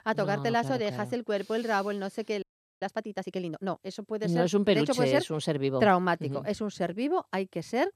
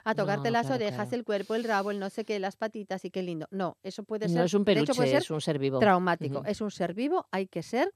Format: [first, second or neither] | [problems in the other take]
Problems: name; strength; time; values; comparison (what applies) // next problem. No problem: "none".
second | audio freezing; at 2.5 s